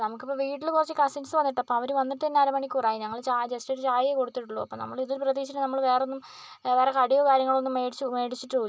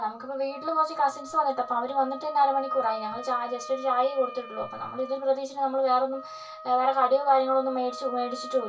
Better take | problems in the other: first | background sound (Wind instrument, woodwind instrument); 14 dB below the speech // room echo; dies away in 0.2 s

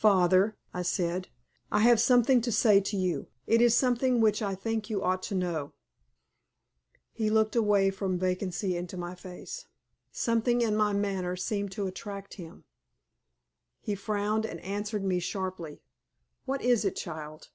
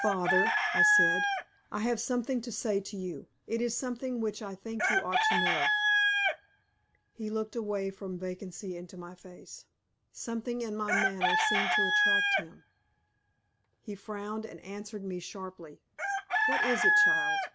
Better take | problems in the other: first | background sound (Chicken, rooster); 4 dB above the speech

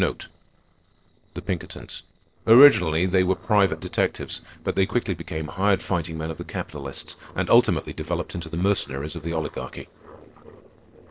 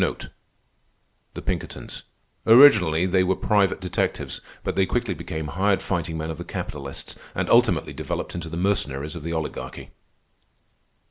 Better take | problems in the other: second | noise reduction (neural separator model SepFormer DNS4)

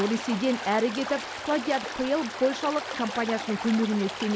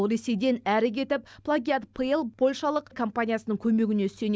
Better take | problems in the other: second | background sound (Stream); 8 dB below the speech

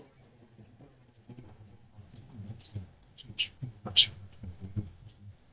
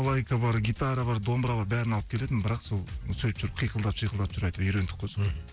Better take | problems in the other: second | noise reduction (neural mask model DeepFilterNet 3)

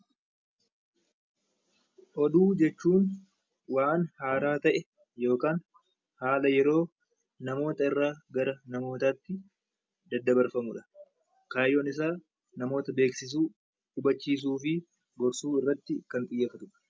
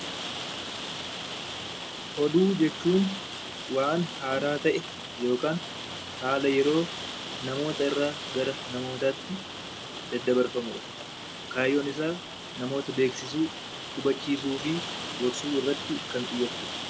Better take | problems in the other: first | background sound (Rain); 8 dB below the speech

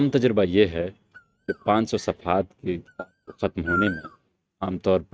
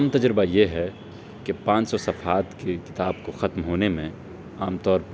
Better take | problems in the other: second | noise reduction (neural mask model RNNoise)

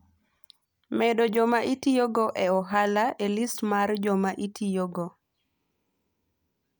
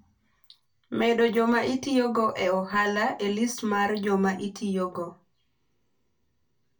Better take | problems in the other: first | room echo; dies away in 0.2 s

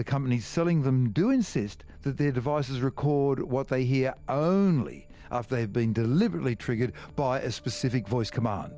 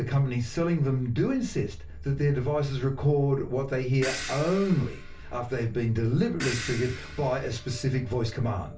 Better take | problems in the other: first | background sound (Crash cymbal); 13 dB below the speech // room echo; dies away in 0.2 s

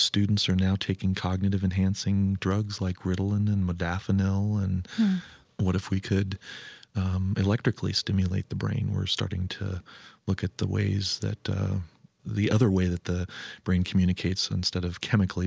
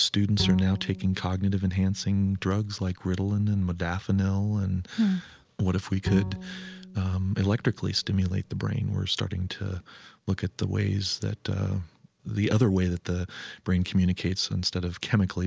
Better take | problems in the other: first | background sound (Bowed string instrument); 10 dB below the speech

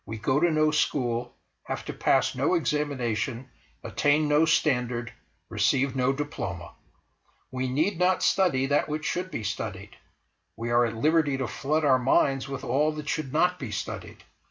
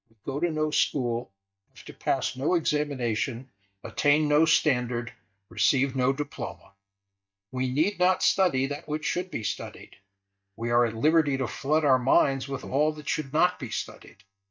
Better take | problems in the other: first | noise reduction (neural mask model DeepFilterNet 3)

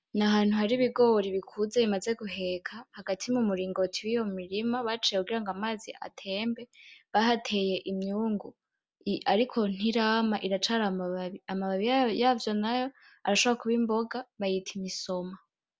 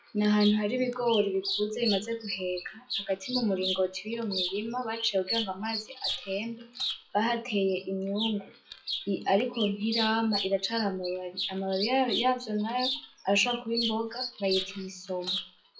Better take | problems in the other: first | noise reduction (classical method WPE with log-MMSE)

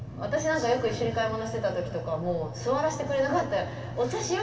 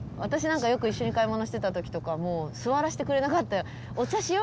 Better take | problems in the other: second | room echo; dies away in 2.4 s

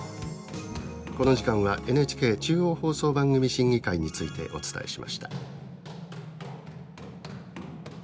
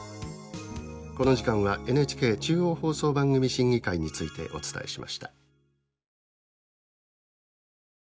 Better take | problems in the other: second | background sound (Run); 14 dB below the speech

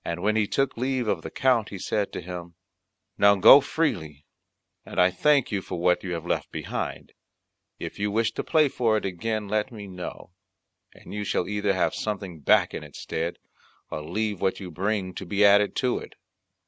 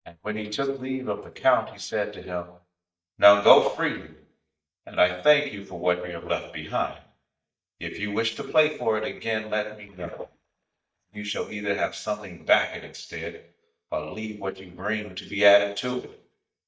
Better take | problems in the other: first | noise reduction (neural mask model DeepFilterNet 3)

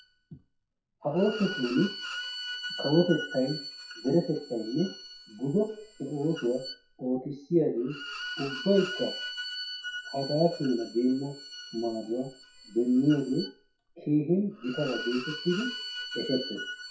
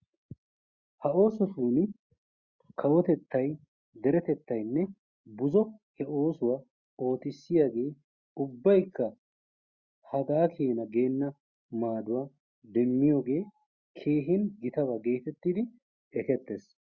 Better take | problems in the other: second | noise reduction (classical method WPE with log-MMSE)

